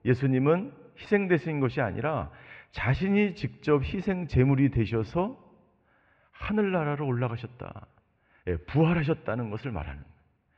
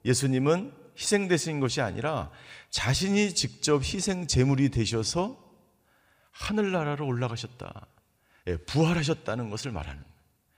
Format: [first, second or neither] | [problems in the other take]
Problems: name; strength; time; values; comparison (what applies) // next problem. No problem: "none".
second | muffled; very; fading above 2.5 kHz